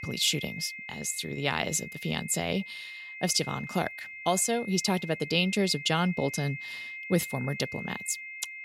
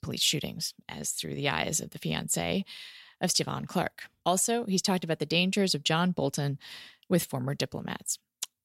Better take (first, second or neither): second